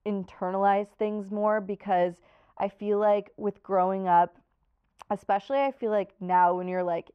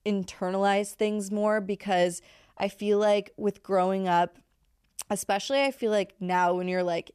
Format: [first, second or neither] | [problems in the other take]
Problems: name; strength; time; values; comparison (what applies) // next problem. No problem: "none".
second | muffled; very; fading above 4 kHz